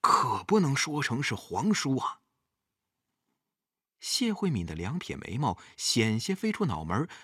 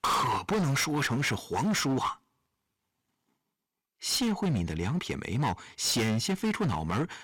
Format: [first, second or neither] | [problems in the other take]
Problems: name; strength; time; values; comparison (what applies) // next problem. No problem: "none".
first | distortion; heavy; 18% of the sound clipped